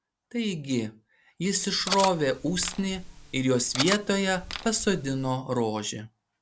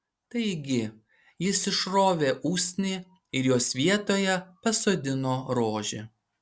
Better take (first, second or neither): second